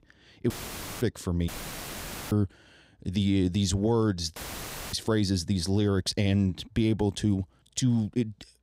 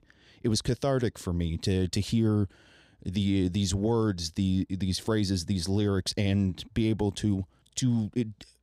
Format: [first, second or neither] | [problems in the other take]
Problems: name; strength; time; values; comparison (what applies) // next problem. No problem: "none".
second | audio cutting out; filled with static; at 0.5 s for 0.5 s, at 1.5 s for 1 s and at 4.5 s for 0.5 s